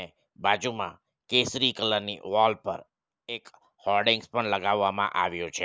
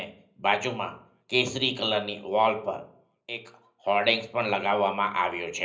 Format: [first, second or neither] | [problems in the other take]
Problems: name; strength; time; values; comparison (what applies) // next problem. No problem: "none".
first | room echo; dies away in 0.5 s